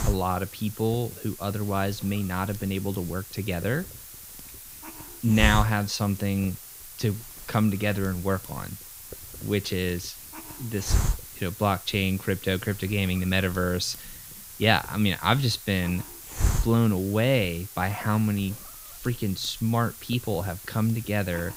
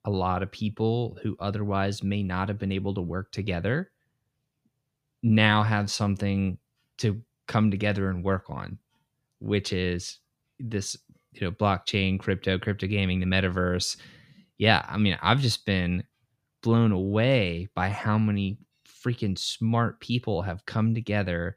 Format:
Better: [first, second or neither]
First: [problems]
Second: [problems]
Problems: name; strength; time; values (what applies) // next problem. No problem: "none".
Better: second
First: hiss; loud; throughout; 10 dB below the speech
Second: none